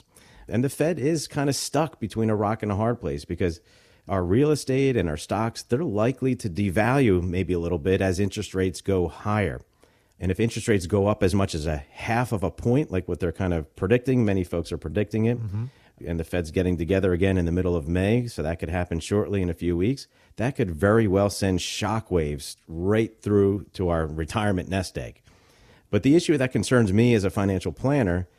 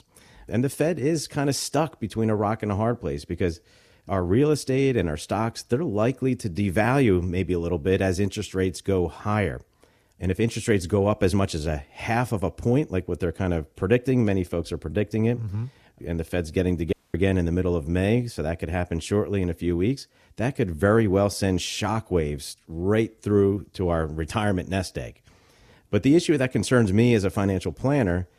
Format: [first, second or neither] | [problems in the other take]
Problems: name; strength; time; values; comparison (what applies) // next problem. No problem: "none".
first | audio cutting out; at 17 s